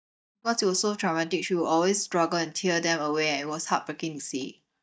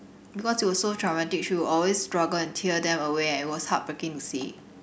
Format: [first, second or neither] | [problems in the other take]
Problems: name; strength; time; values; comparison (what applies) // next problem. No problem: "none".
second | noise reduction (neural mask model DeepFilterNet 3)